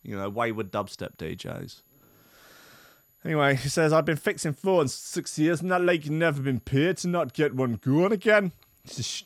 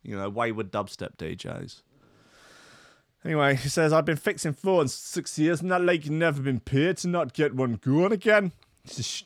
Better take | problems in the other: second | high-pitched whine; faint; throughout; 12 kHz, 35 dB below the speech

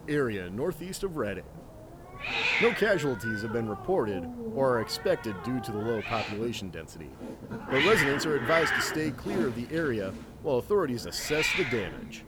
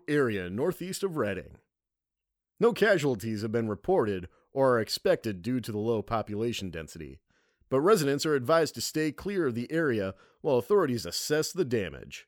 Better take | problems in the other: second | hiss; loud; throughout; 2 dB below the speech

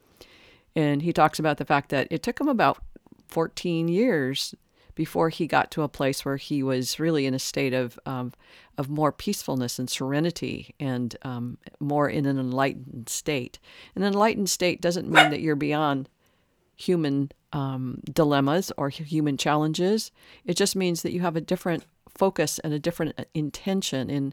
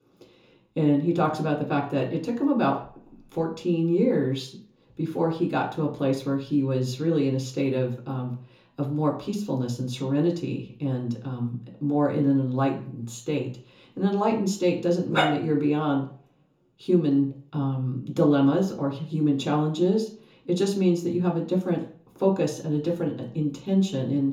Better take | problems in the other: first | room echo; slight; dies away in 0.7 s // off-mic speech; far

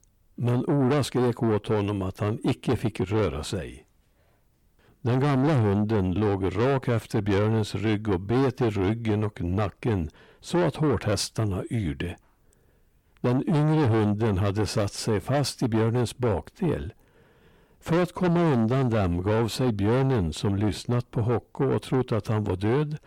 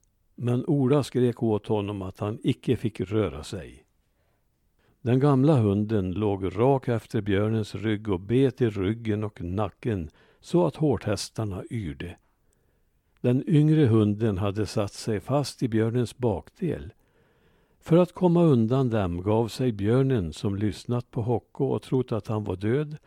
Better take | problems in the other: second | distortion; heavy; 7 dB below the speech

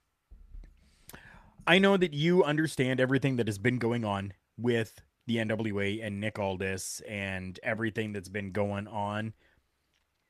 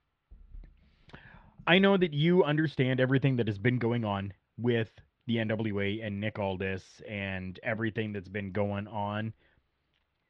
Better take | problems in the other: first | muffled; slightly; fading above 3.5 kHz

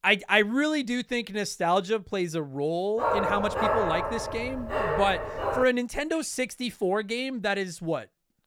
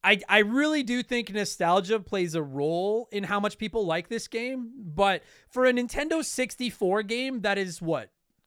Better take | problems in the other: second | dog barking; loud; from 3 to 5.5 s; peak 2 dB above the speech

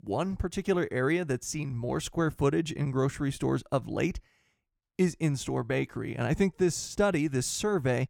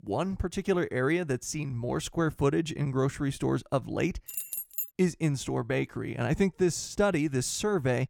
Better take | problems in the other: first | jangling keys; noticeable; at 4.5 s; peak 3 dB below the speech

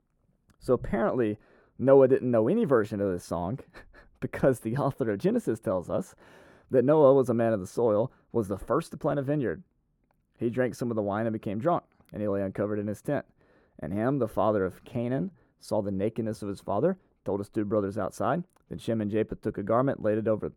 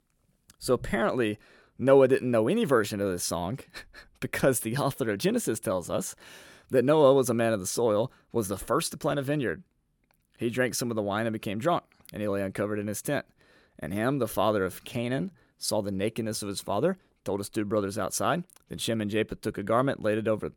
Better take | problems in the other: second | muffled; very; fading above 2 kHz

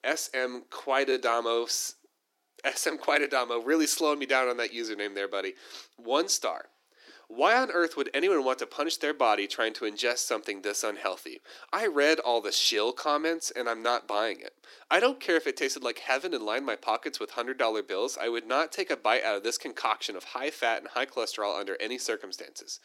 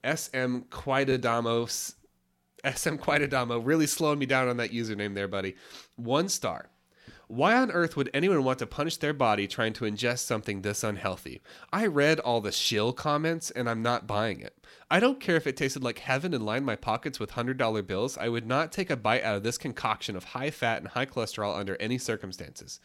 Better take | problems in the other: second | thin; somewhat; fading below 300 Hz

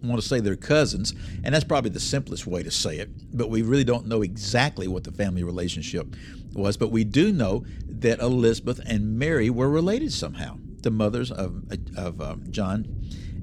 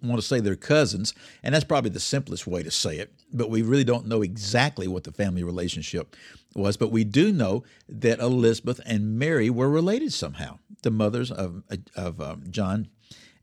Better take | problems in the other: second | low rumble; faint; throughout; 25 dB below the speech

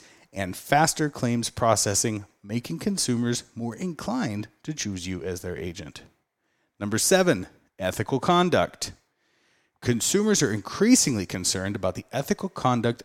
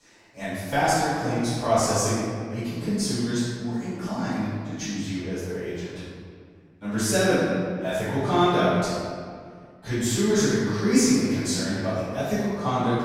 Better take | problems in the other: first | off-mic speech; far // room echo; strong; dies away in 1.7 s

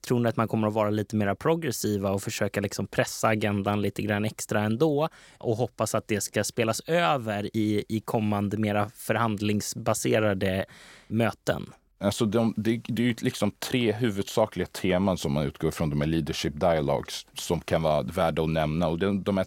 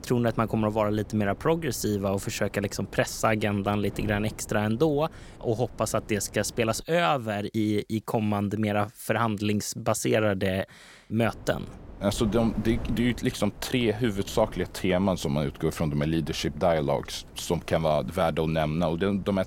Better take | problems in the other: first | wind noise on the microphone; occasional gusts; until 7 s and from 11 s on; 20 dB below the speech

